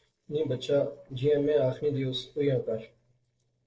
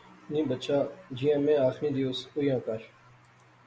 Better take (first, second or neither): second